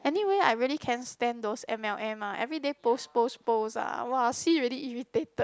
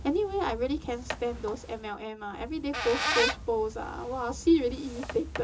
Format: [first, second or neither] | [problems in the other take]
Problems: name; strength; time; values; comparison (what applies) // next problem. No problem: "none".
first | background sound (Squeak); 6 dB below the speech // room echo; dies away in 0.2 s